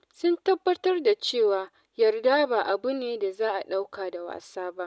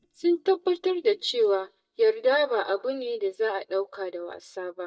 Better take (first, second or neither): first